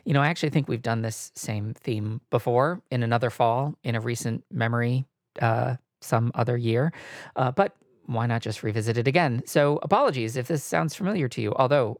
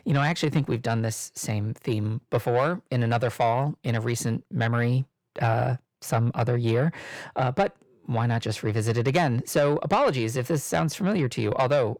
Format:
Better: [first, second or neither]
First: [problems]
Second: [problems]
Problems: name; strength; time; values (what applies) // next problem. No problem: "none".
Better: first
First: none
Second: distortion; slight; 10 dB below the speech